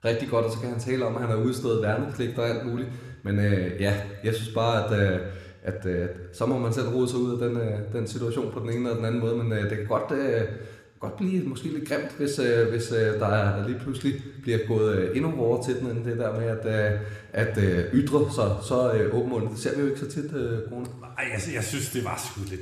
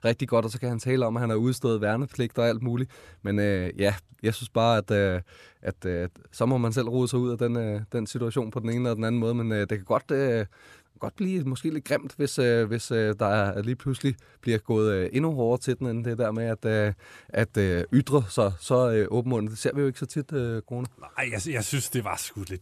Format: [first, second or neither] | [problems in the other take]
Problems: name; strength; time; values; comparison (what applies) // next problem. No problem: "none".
second | room echo; slight; dies away in 1 s